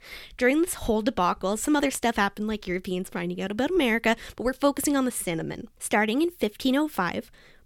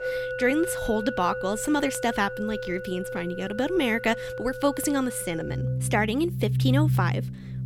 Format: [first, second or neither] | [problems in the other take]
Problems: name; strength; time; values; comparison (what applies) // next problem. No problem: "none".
first | background music; loud; throughout; 4 dB below the speech